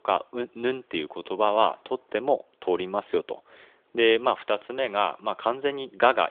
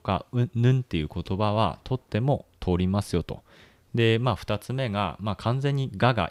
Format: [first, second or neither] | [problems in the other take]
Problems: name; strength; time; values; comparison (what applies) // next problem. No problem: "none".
second | phone-call audio; nothing above 3.5 kHz